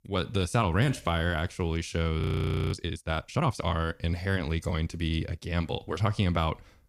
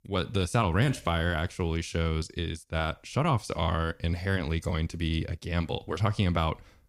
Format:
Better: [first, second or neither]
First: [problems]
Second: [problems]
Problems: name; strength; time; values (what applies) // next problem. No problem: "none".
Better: second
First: audio freezing; at 2 s for 0.5 s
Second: none